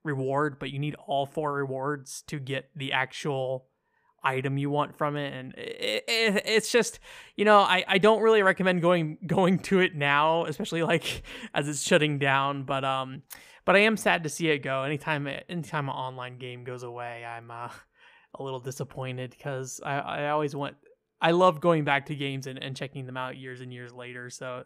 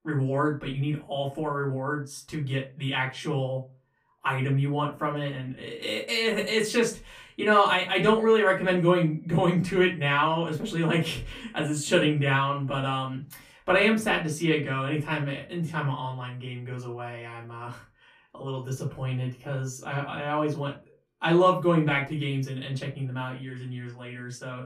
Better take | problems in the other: first | off-mic speech; far // room echo; very slight; dies away in 0.2 s

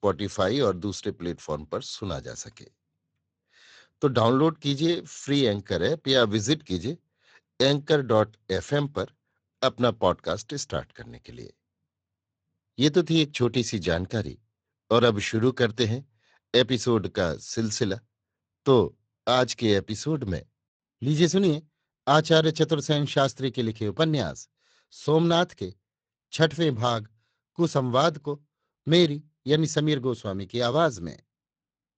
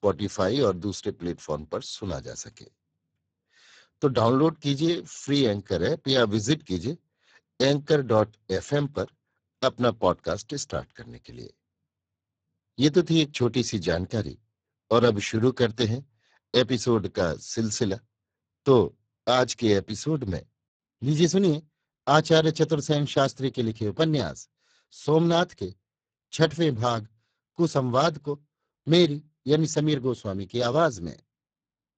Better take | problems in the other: first | garbled, watery; badly; nothing above 7.5 kHz; slightly in the first

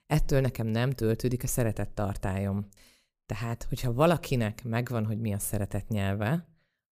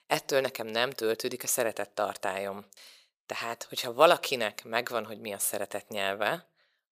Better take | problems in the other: first | thin; very; fading below 600 Hz

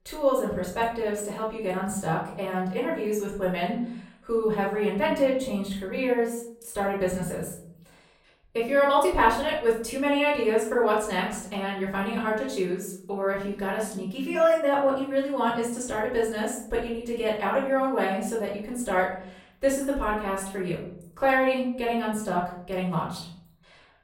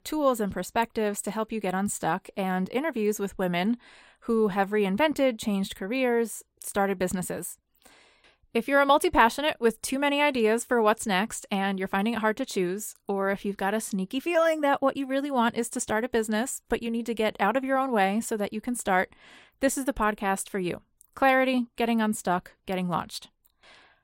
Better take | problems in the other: second | off-mic speech; far // room echo; noticeable; dies away in 0.7 s

